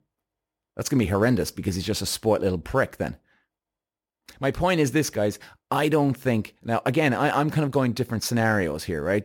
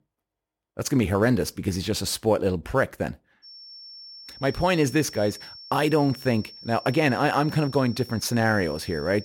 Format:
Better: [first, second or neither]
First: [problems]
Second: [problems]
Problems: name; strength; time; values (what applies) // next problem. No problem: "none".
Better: first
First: none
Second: high-pitched whine; noticeable; from 3.5 s on; 5.5 kHz, 15 dB below the speech